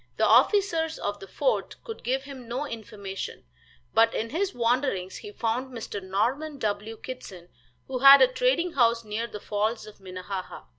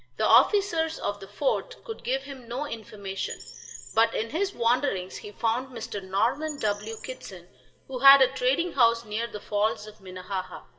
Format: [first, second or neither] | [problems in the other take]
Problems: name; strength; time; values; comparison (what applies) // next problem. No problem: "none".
first | background sound (Bird); 19 dB below the speech // room echo; dies away in 2.7 s